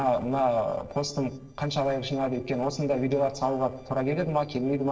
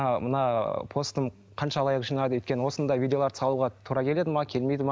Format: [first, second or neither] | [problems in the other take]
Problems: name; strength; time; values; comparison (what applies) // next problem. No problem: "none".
second | noise reduction (neural separator model SepFormer DNS4)